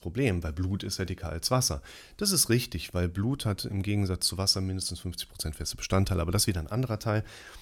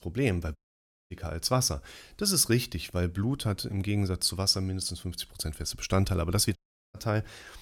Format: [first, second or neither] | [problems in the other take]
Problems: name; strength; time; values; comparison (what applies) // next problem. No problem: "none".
first | audio cutting out; at 0.5 s for 0.5 s and at 6.5 s